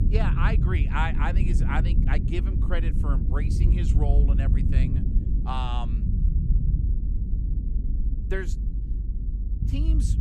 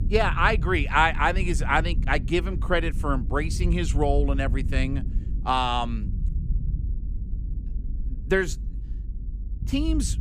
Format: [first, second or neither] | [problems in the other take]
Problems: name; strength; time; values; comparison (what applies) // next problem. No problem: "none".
second | low rumble; loud; throughout; 7 dB below the speech; faint in the second